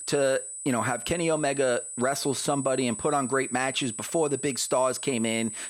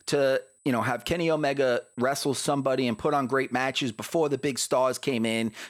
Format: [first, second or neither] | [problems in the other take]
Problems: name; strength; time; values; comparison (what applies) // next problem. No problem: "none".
second | high-pitched whine; loud; throughout; 8 kHz, 8 dB below the speech; faint in the second